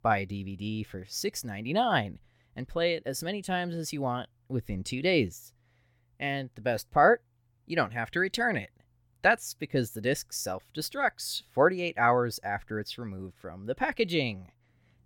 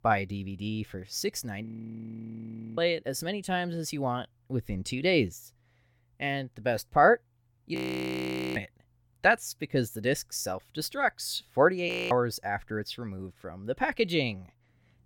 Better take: first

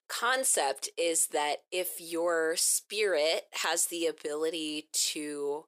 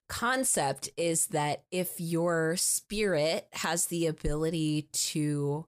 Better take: second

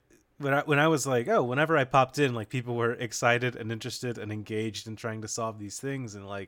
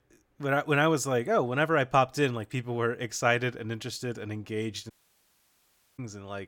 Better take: first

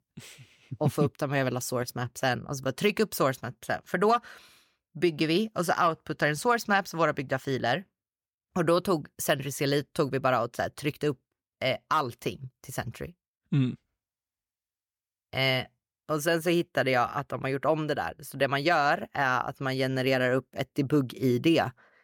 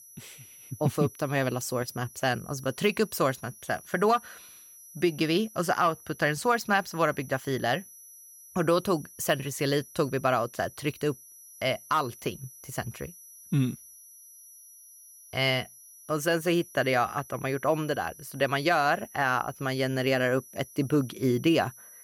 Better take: first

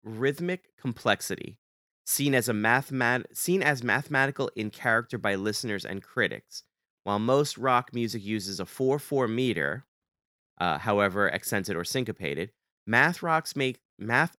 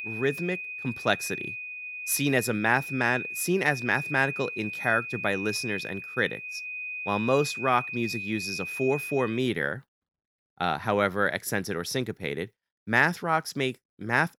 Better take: first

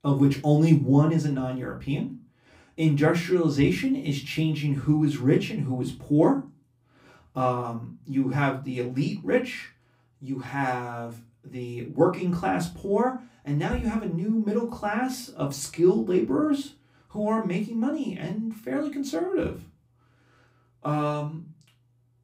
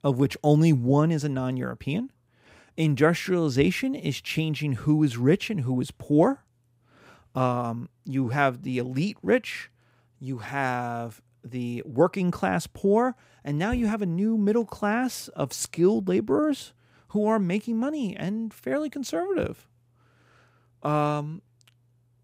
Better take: second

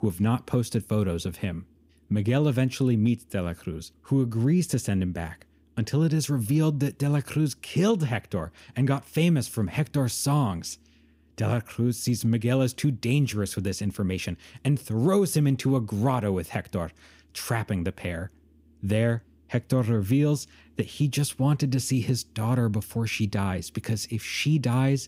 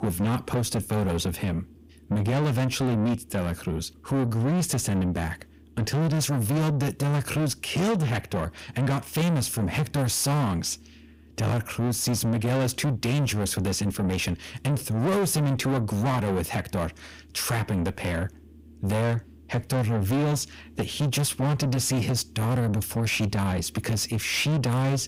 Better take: first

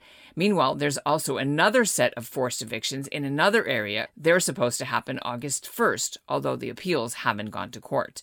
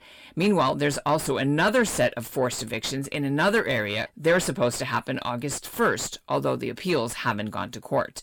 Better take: first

